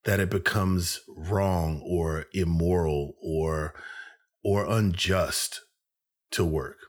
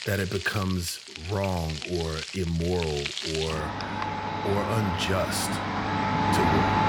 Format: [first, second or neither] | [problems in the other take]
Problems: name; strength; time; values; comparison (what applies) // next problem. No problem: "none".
first | household noises; loud; throughout; as loud as the speech